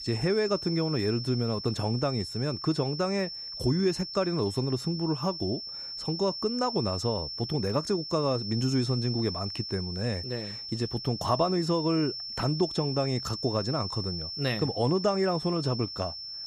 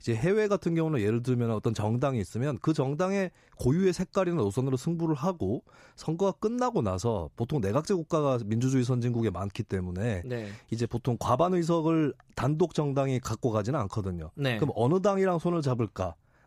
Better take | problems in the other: second | high-pitched whine; loud; throughout; 5.5 kHz, 6 dB below the speech

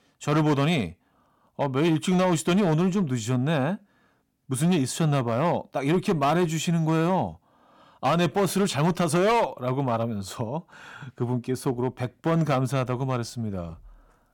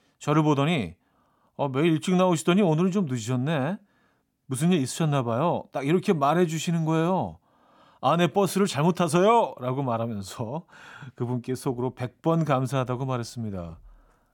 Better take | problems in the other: second | distortion; slight; 8% of the sound clipped

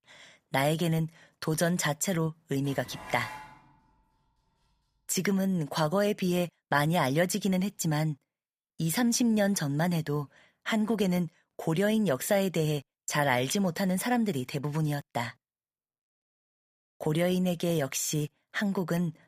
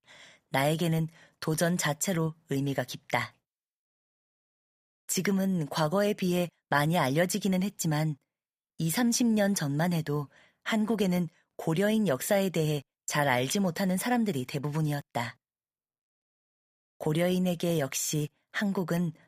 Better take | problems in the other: second | clattering dishes; faint; from 2.5 to 3.5 s; peak 10 dB below the speech

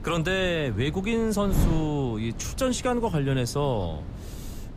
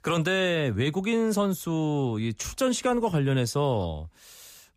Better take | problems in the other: second | wind noise on the microphone; occasional gusts; 15 dB below the speech

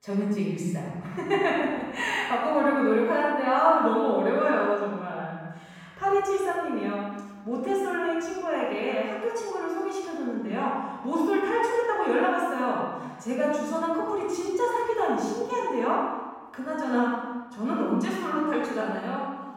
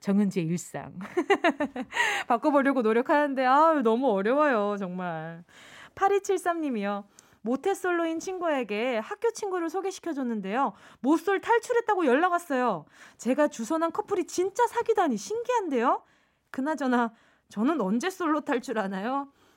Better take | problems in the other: second | off-mic speech; far // room echo; strong; dies away in 1.6 s

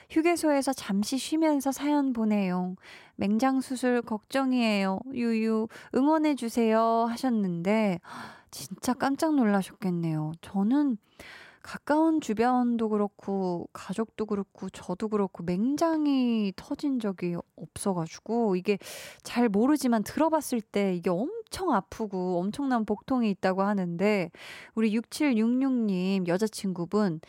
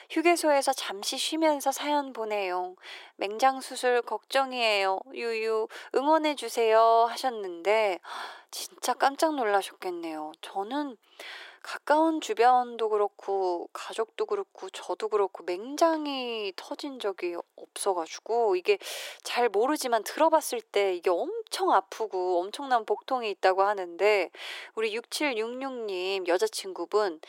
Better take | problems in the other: first | thin; very; fading below 350 Hz

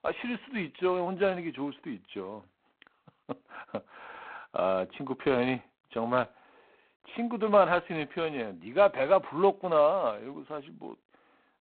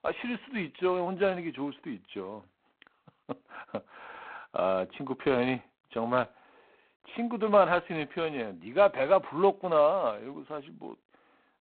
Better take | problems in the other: neither | phone-call audio; poor line; nothing above 4 kHz; the same in both

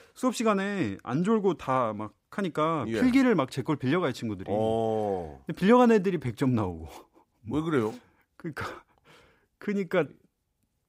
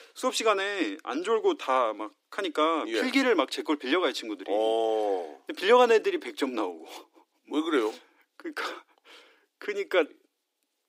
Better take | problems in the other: first | thin; somewhat; fading below 300 Hz

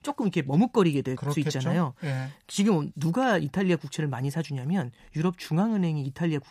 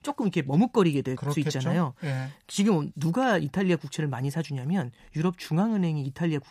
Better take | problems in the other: neither | none

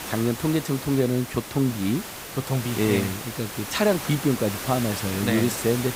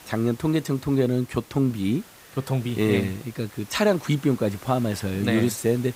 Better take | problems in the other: second | hiss; loud; throughout; 8 dB below the speech; faint in the second

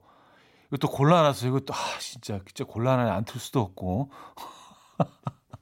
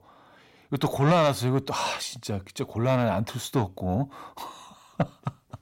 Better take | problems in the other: first | distortion; slight; 10 dB below the speech

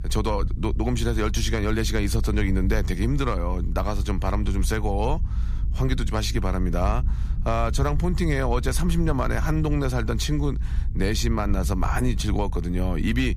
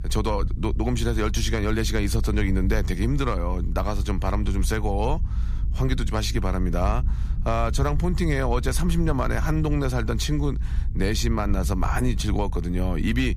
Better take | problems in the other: neither | low rumble; noticeable; throughout; 20 dB below the speech; the same in both

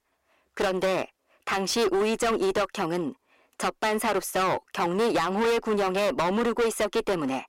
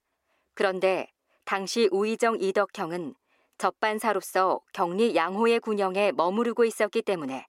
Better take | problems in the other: second | distortion; heavy; 20% of the sound clipped

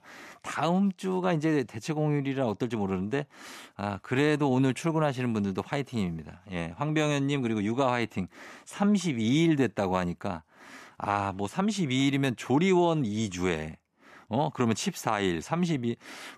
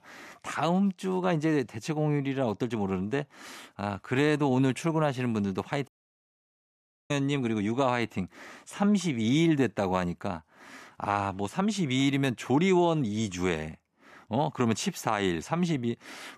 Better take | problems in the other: first | audio cutting out; at 6 s for 1 s

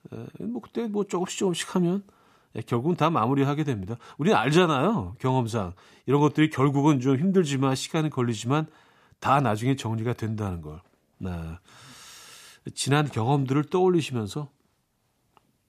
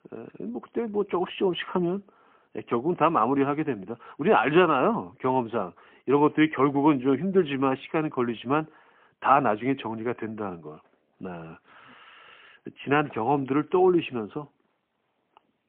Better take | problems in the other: first | phone-call audio; poor line; nothing above 3 kHz

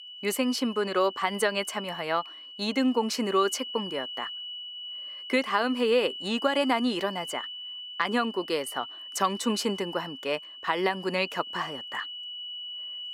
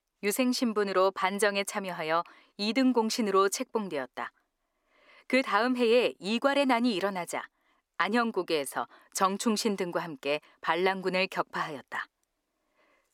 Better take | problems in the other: second | high-pitched whine; loud; throughout; 3 kHz, 9 dB below the speech

